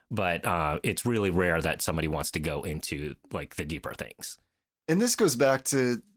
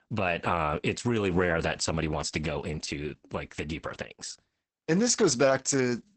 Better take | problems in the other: first | garbled, watery; badly; nothing above 8 kHz; slightly in the first

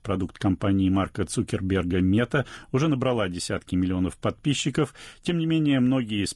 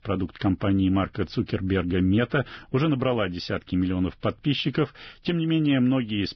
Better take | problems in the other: first | garbled, watery; badly; nothing above 5.5 kHz; slightly in the first

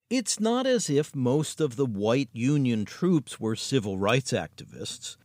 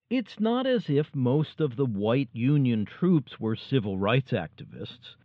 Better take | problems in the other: first | muffled; very; fading above 3.5 kHz

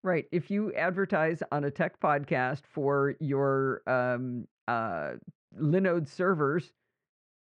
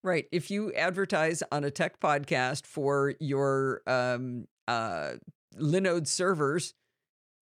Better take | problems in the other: second | muffled; very; fading above 1.5 kHz

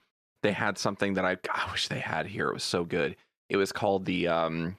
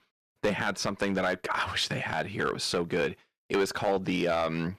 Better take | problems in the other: first | distortion; slight; 3% of the sound clipped

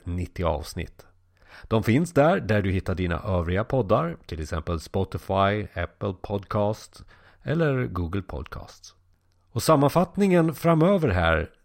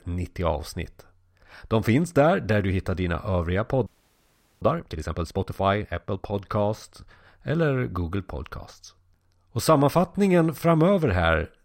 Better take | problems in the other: first | audio freezing; at 4 s for 1 s

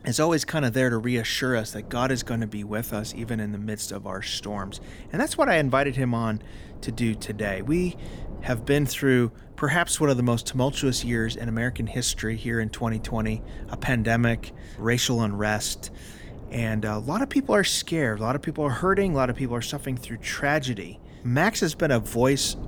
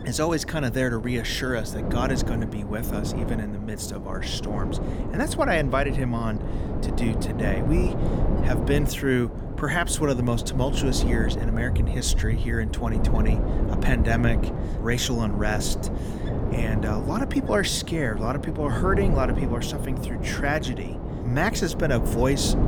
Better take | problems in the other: first | wind noise on the microphone; heavy; 7 dB below the speech; occasional gusts in the first

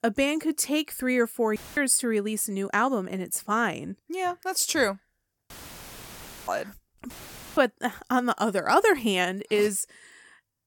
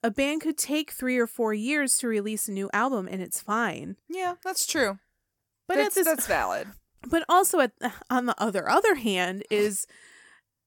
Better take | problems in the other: second | audio cutting out; filled with static; at 1.5 s, at 5.5 s for 1 s and at 7 s

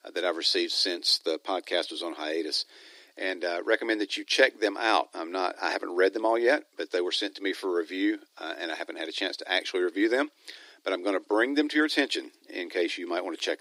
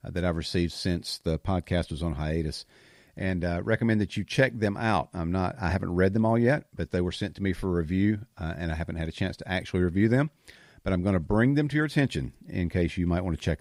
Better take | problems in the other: second | thin; very; fading below 300 Hz

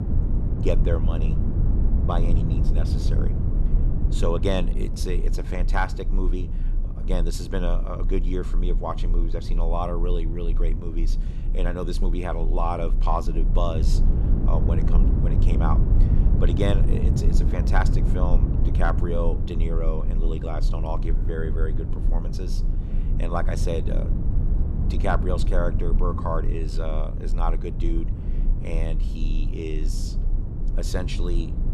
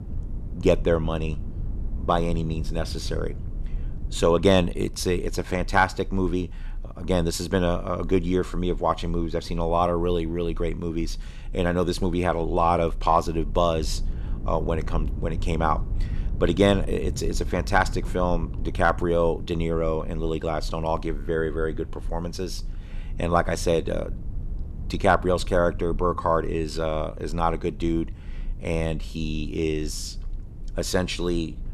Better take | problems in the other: second | low rumble; loud; throughout; 7 dB below the speech; faint in the second

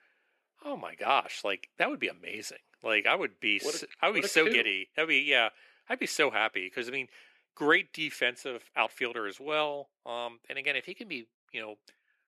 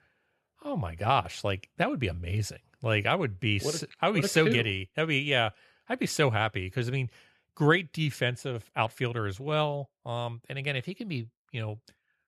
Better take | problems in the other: second | thin; somewhat; fading below 250 Hz

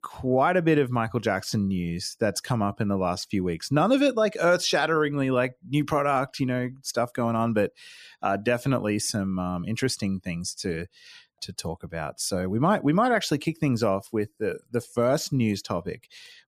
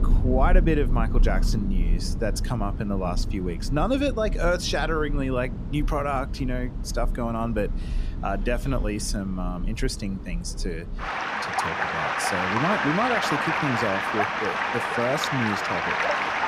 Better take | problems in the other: first | rain or running water; very loud; throughout; as loud as the speech

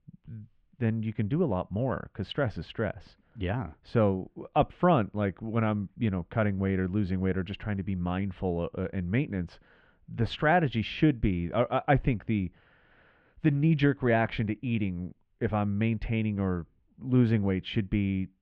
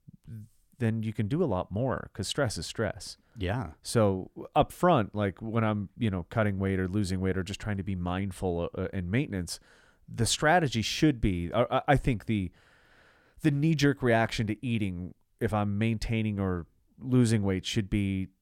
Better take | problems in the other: second | muffled; very; fading above 3 kHz

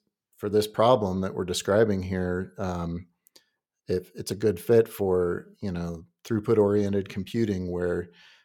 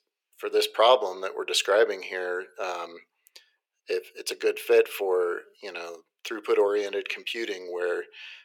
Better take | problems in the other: first | thin; very; fading below 400 Hz

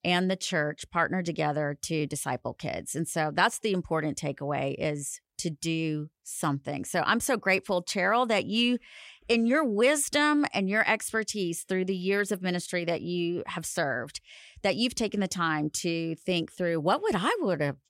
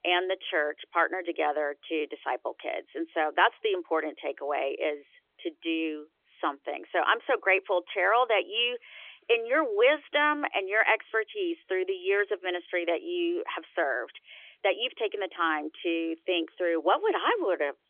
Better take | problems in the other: first | phone-call audio; nothing above 3.5 kHz

